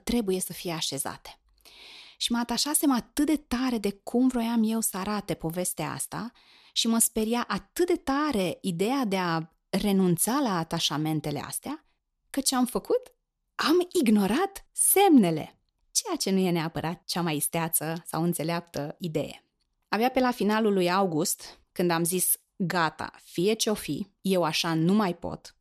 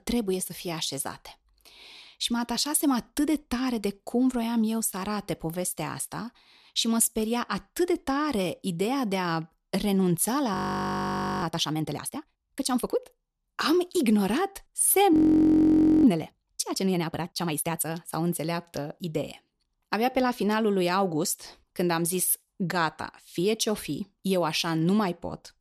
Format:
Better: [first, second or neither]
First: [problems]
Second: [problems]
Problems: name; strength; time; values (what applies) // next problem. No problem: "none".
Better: first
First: none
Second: audio freezing; at 11 s for 1 s and at 15 s for 1 s